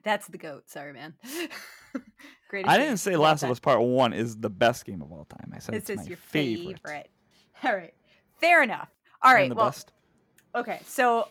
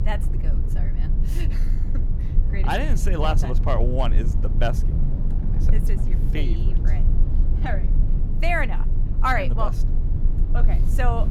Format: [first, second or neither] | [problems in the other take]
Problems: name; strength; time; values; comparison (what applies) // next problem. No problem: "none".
first | low rumble; noticeable; throughout; 10 dB below the speech